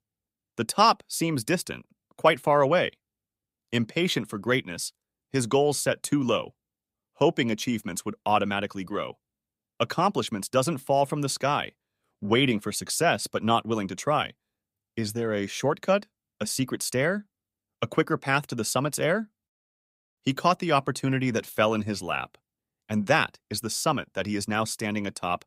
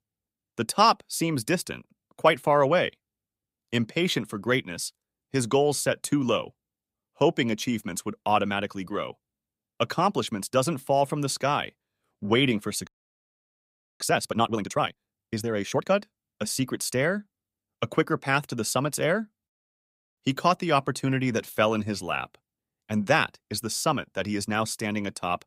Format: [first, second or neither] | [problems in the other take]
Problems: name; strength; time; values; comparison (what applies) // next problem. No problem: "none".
first | audio freezing; at 13 s for 1 s